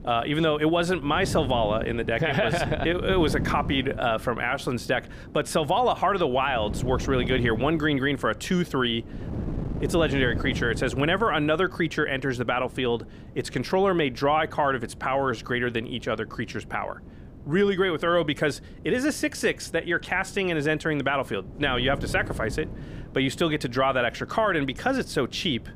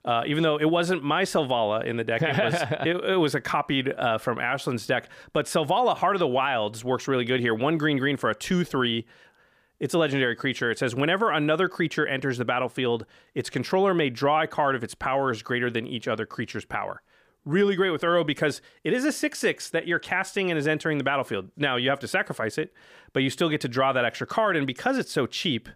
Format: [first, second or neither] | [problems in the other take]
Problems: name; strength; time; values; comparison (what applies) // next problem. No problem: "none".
second | wind noise on the microphone; occasional gusts; 20 dB below the speech